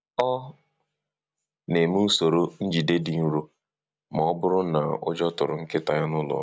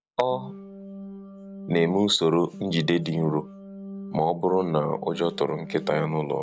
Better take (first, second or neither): first